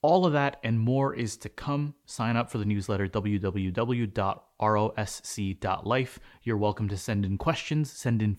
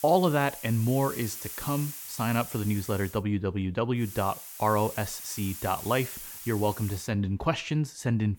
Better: first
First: none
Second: hiss; loud; until 3 s and from 4 to 7 s; 10 dB below the speech

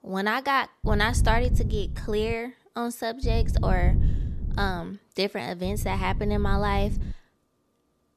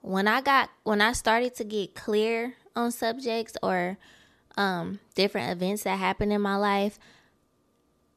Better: second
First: wind noise on the microphone; occasional gusts; from 1 to 2.5 s, from 3 to 5 s and from 5.5 to 7 s; 15 dB below the speech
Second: none

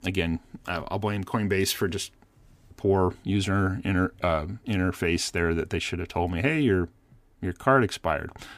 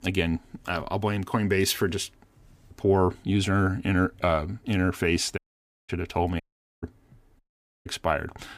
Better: first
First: none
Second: audio cutting out; at 5.5 s for 0.5 s, at 6.5 s and at 7.5 s

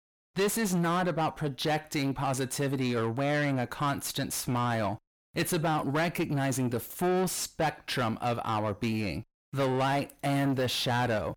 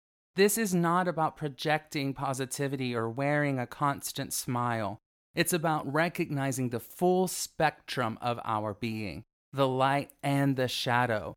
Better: second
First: distortion; heavy; 7 dB below the speech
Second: none

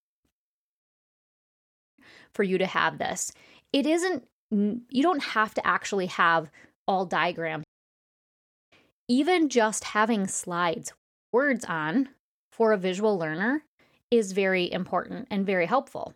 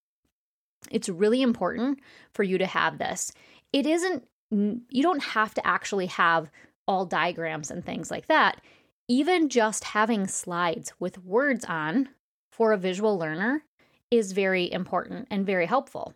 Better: second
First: audio cutting out; at 1 s for 1 s, at 7.5 s for 1 s and at 11 s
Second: none

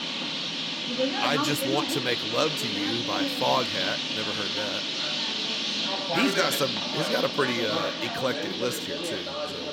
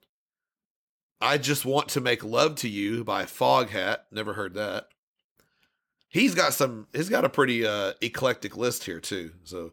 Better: second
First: animal sounds; very loud; throughout; 2 dB above the speech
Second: none

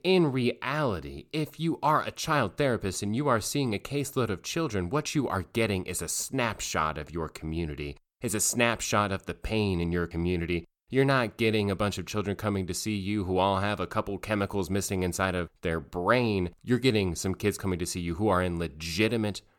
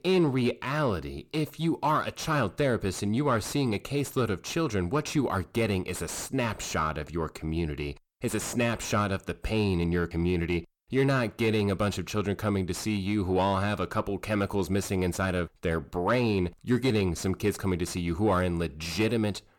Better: first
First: none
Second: distortion; slight; 10 dB below the speech

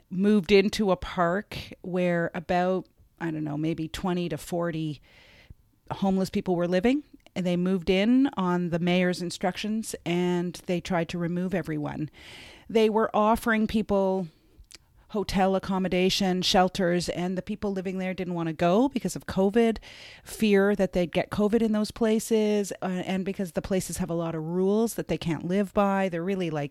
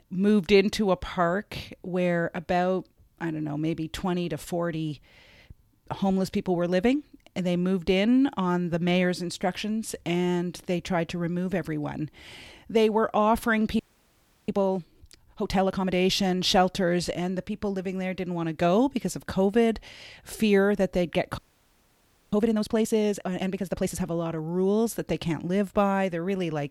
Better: first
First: none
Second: audio freezing; at 14 s for 0.5 s and at 21 s for 1 s

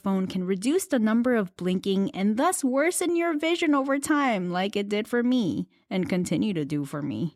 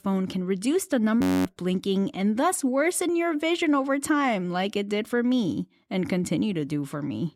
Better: first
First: none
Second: audio freezing; at 1 s

